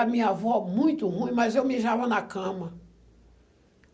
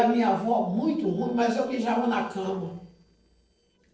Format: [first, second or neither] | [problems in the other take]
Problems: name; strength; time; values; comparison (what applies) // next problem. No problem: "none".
first | noise reduction (neural separator model SepFormer DNS4)